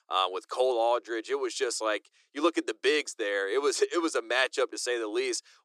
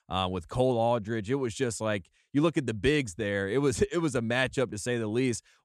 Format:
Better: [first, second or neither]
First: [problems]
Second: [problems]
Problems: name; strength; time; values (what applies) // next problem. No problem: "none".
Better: second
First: thin; very; fading below 300 Hz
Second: none